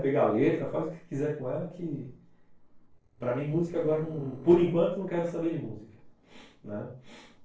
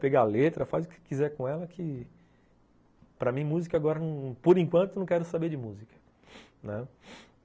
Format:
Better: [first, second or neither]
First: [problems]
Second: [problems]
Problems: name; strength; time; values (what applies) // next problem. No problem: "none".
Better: second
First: noise reduction (neural separator model SepFormer DNS4)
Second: none